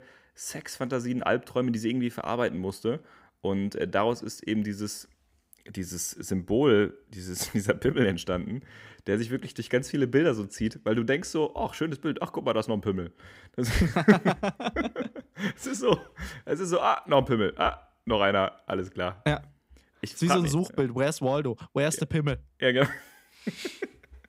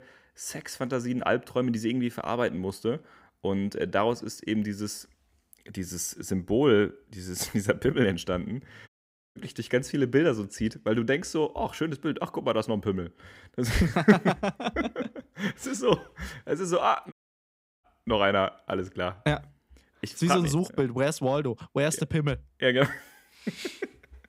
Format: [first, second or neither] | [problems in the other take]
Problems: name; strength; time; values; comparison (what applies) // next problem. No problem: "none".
first | audio cutting out; at 9 s and at 17 s for 0.5 s